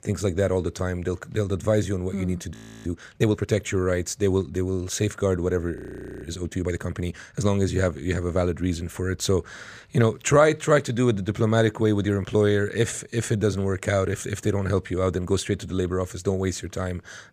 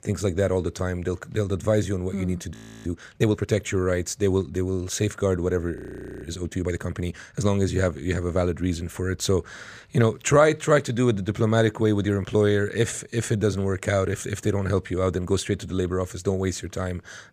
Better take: neither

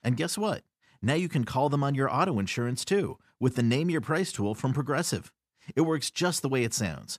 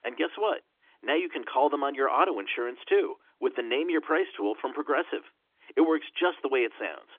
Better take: first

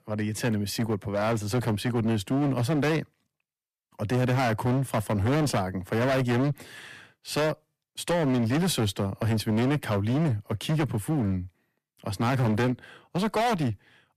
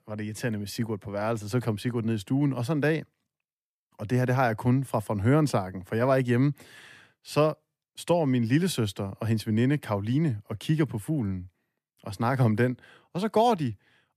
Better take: second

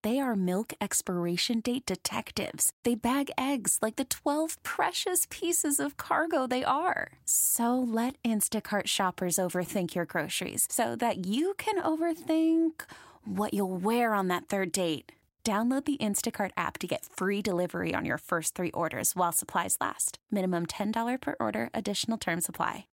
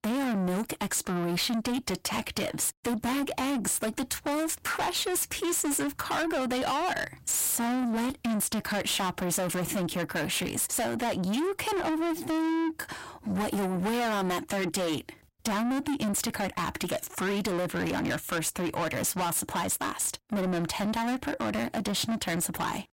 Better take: first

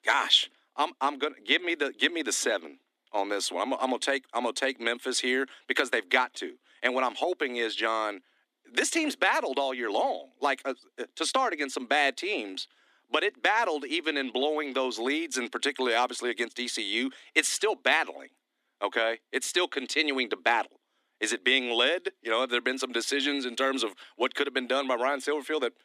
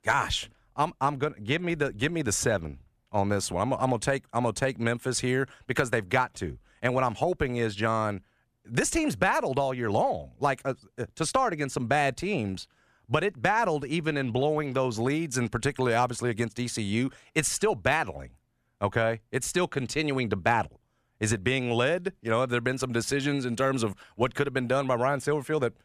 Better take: second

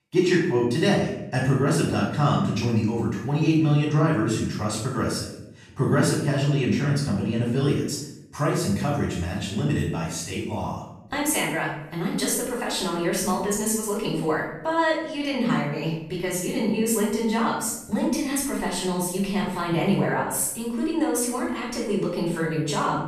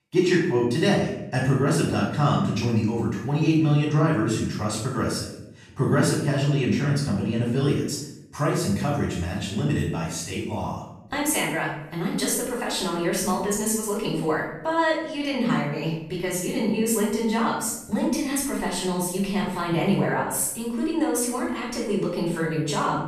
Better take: neither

